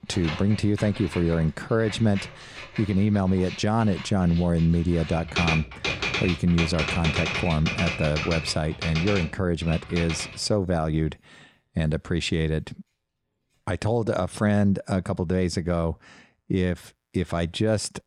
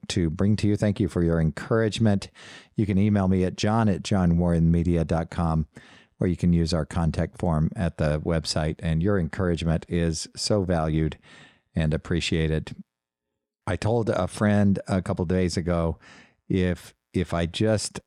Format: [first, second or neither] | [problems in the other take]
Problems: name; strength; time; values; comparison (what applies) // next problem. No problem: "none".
second | household noises; loud; throughout; 6 dB below the speech